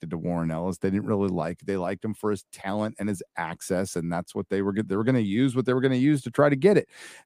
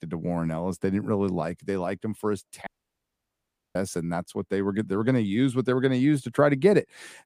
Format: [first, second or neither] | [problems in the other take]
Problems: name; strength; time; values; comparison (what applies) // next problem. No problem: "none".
first | audio cutting out; at 2.5 s for 1 s